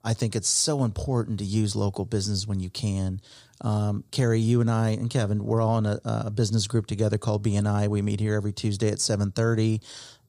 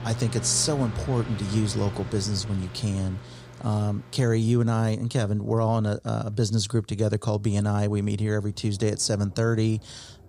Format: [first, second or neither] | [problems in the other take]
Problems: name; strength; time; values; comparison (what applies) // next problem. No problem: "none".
first | household noises; noticeable; throughout; 15 dB below the speech